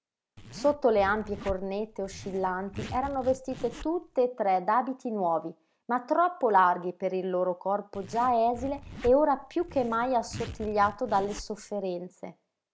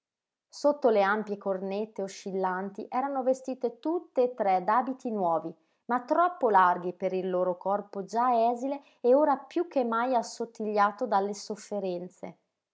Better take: second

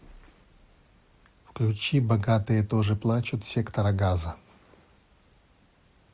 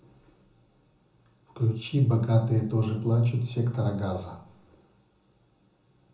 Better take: first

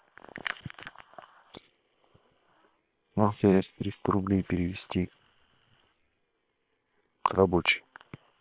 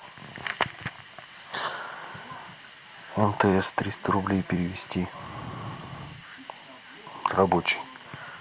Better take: second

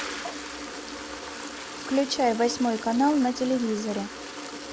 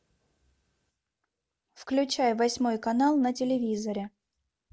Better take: second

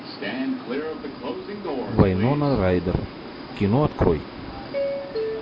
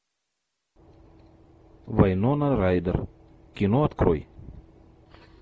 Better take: second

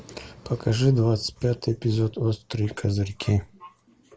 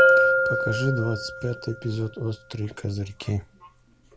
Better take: first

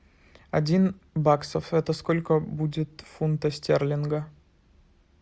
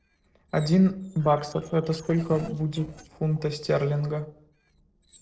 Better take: first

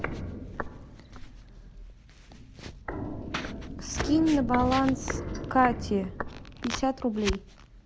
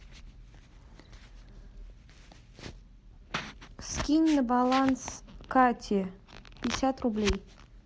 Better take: second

